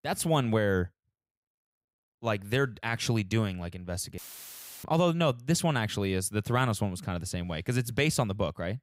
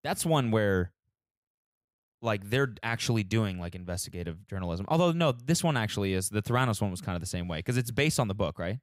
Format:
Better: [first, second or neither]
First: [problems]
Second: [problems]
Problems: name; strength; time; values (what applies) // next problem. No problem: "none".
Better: second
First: audio cutting out; filled with static; at 4 s for 0.5 s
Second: none